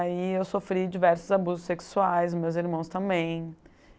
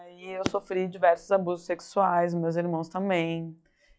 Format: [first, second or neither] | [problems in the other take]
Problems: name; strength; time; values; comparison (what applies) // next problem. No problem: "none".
first | noise reduction (classical method log-MMSE)